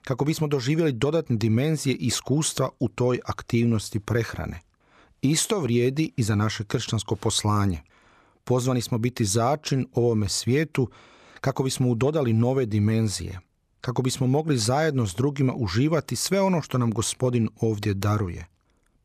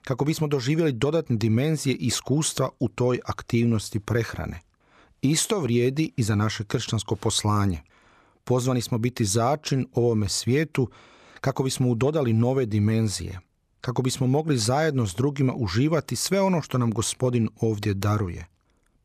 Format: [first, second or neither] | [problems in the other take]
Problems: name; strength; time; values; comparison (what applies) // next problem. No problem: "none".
neither | none